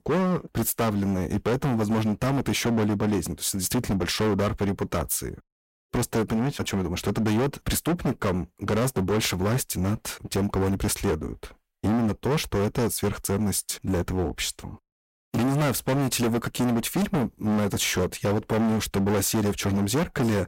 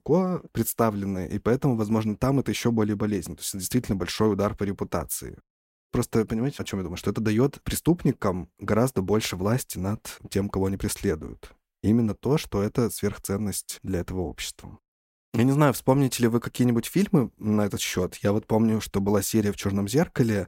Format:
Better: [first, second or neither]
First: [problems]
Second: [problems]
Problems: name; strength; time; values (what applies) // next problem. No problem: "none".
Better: second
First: distortion; heavy; 21% of the sound clipped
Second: none